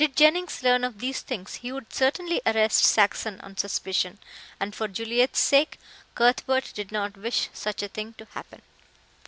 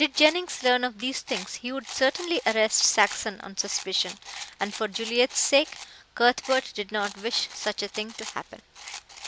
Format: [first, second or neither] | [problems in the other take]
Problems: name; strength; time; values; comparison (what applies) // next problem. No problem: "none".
first | background sound (Rattle); 15 dB below the speech